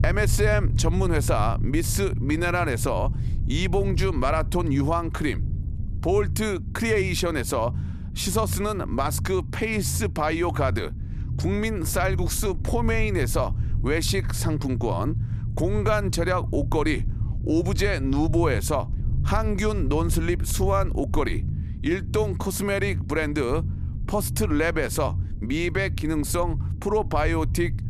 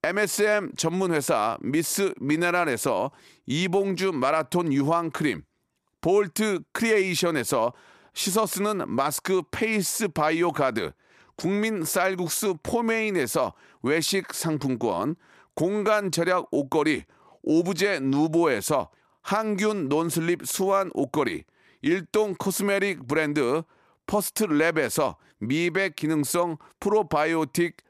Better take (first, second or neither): second